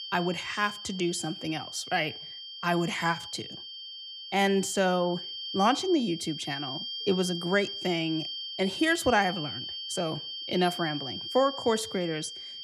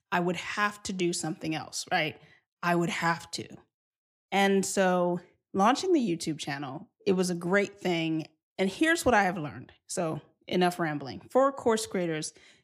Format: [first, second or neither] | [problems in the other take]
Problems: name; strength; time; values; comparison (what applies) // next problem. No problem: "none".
second | high-pitched whine; loud; throughout; 3 kHz, 7 dB below the speech